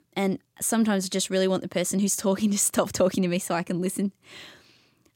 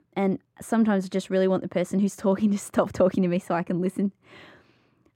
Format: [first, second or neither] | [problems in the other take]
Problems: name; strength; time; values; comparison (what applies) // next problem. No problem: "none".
first | muffled; very; fading above 3 kHz